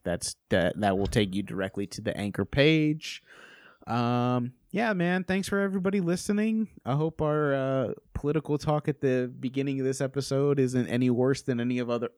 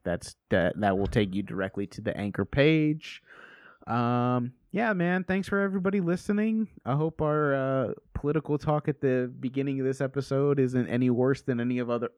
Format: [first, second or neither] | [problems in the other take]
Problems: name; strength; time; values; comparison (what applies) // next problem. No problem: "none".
first | muffled; slightly; fading above 3.5 kHz